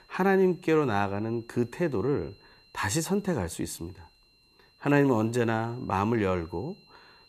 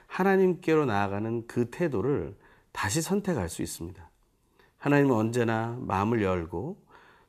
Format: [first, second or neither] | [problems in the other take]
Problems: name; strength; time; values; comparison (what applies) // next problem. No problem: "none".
second | high-pitched whine; faint; throughout; 4 kHz, 30 dB below the speech